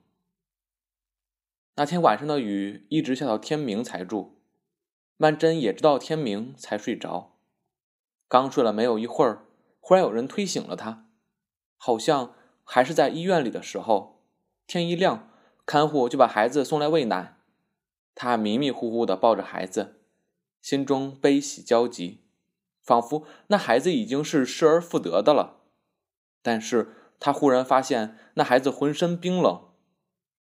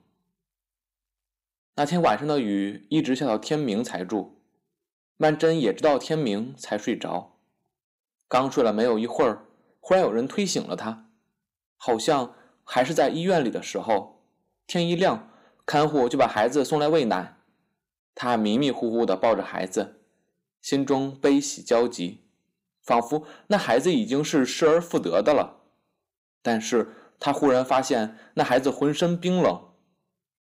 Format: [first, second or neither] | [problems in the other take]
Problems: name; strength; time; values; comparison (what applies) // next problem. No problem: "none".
first | distortion; slight; 10 dB below the speech